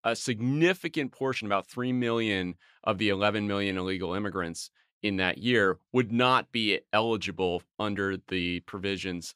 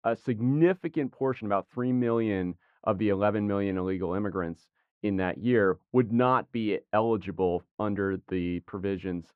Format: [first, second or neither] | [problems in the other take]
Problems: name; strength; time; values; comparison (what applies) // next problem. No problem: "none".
first | muffled; very; fading above 3 kHz